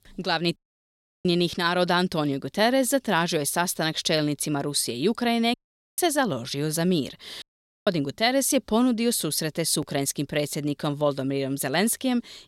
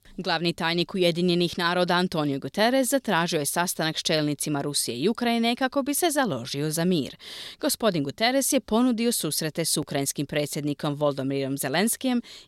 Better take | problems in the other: second | audio cutting out; at 0.5 s for 0.5 s, at 5.5 s and at 7.5 s

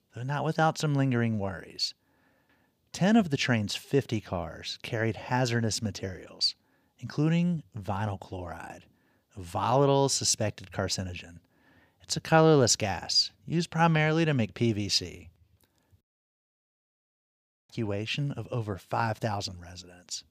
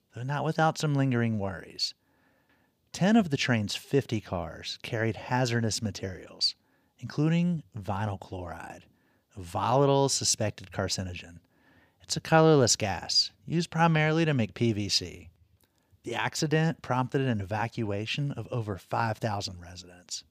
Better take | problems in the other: second | audio cutting out; at 16 s for 1.5 s

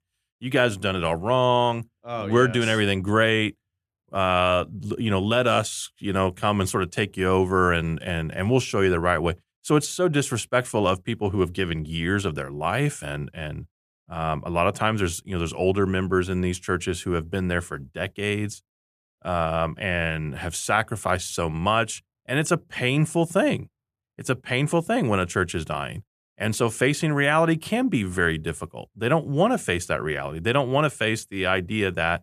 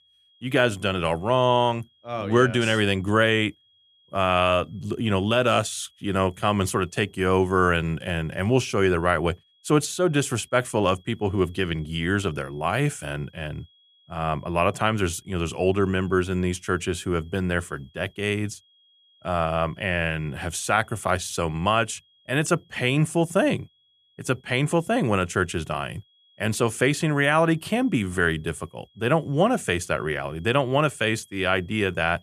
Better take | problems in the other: first | high-pitched whine; faint; throughout; 3.5 kHz, 35 dB below the speech

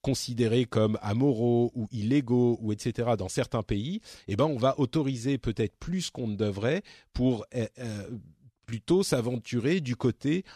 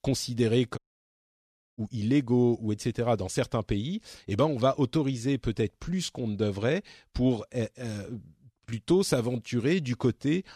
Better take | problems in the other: first | audio cutting out; at 1 s for 1 s

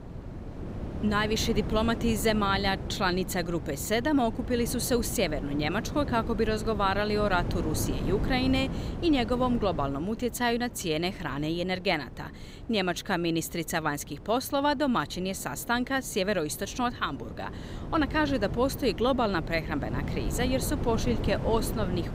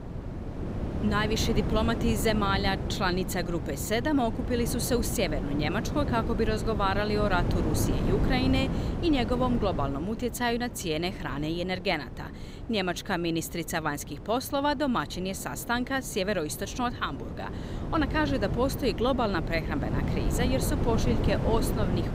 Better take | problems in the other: first | wind noise on the microphone; heavy; 9 dB below the speech; occasional gusts in the first

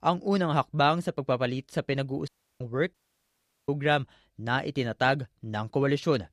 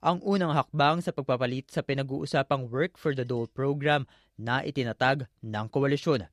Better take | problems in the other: second | audio cutting out; at 2.5 s and at 3 s for 0.5 s

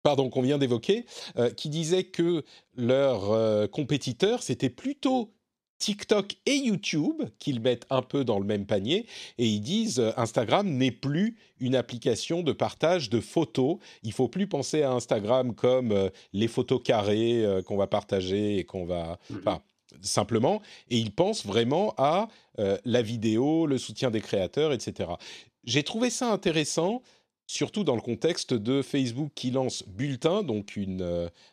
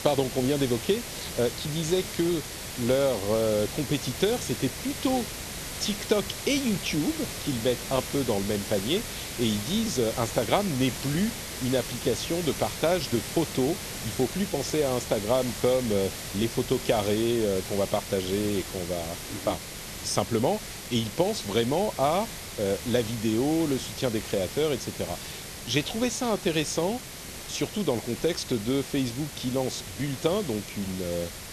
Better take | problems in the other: first | hiss; loud; throughout; 7 dB below the speech

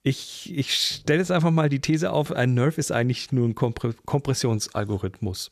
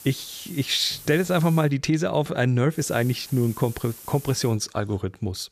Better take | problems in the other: first | hiss; noticeable; until 1.5 s and from 3 to 4.5 s; 15 dB below the speech

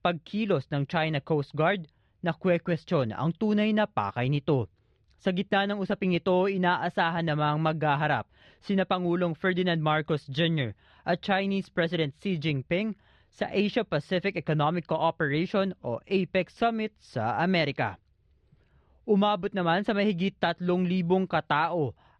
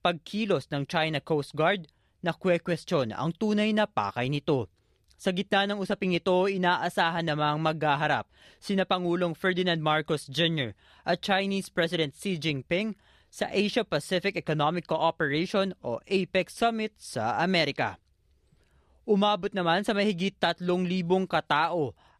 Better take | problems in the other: second | muffled; very slightly; fading above 3.5 kHz

